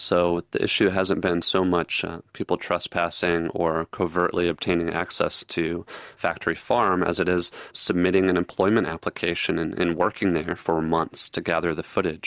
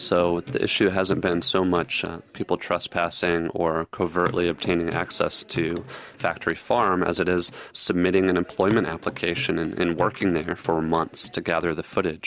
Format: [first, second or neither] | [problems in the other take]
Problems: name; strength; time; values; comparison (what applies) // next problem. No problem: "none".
first | background sound (Hands / Wood); 17 dB below the speech